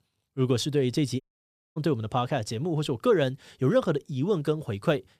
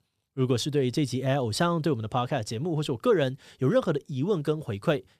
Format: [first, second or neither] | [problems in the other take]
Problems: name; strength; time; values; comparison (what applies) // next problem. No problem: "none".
second | audio cutting out; at 1 s for 0.5 s